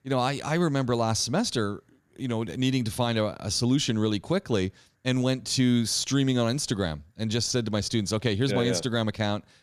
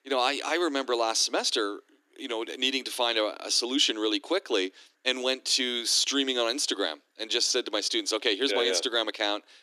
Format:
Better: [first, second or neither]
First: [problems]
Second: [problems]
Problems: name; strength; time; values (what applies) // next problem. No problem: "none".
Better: first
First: none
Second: thin; somewhat; fading below 300 Hz